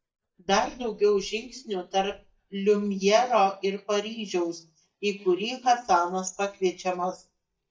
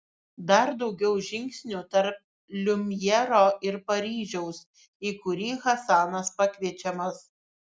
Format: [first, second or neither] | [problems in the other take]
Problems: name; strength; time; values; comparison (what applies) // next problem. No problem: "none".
second | noise reduction (neural mask model DeepFilterNet 3)